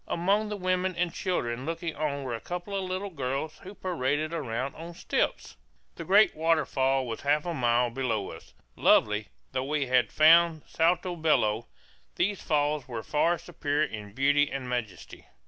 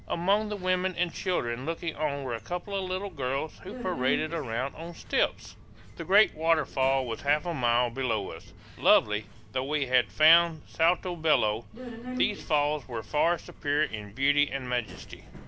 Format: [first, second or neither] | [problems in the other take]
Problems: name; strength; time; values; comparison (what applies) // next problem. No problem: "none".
first | background sound (Subway, metro, underground); 15 dB below the speech